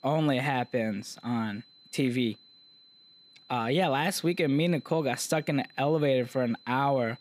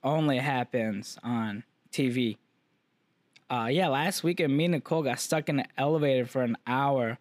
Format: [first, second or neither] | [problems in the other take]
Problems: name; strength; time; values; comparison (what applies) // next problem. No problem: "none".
second | high-pitched whine; faint; throughout; 4 kHz, 25 dB below the speech